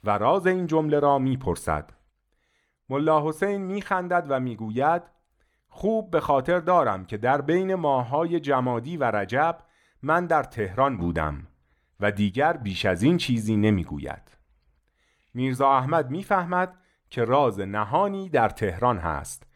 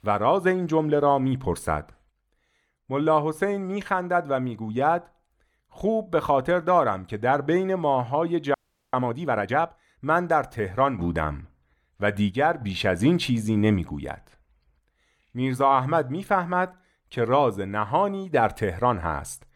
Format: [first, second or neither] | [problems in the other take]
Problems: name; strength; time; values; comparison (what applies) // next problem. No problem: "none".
first | audio freezing; at 8.5 s